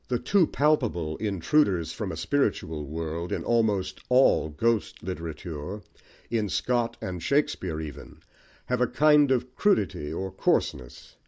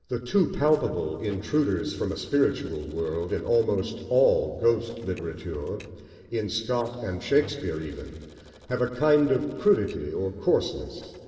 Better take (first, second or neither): first